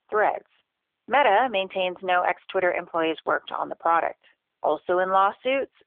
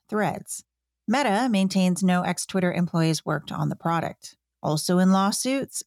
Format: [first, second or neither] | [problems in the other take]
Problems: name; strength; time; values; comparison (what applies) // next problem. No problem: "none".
second | phone-call audio; poor line; nothing above 3 kHz